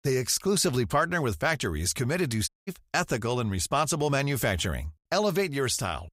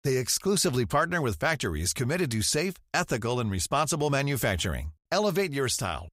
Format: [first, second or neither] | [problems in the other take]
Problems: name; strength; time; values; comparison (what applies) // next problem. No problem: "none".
second | audio cutting out; at 2.5 s